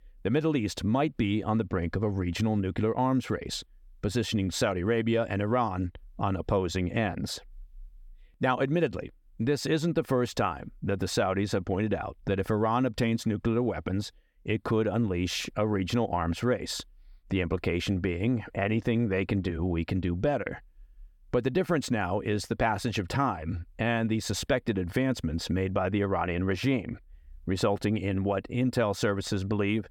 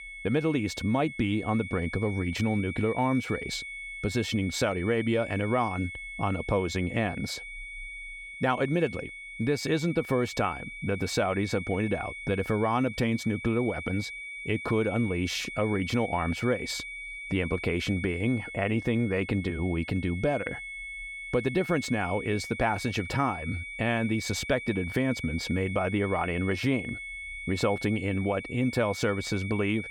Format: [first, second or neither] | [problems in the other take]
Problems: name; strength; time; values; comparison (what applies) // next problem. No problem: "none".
first | high-pitched whine; loud; throughout; 2.5 kHz, 9 dB below the speech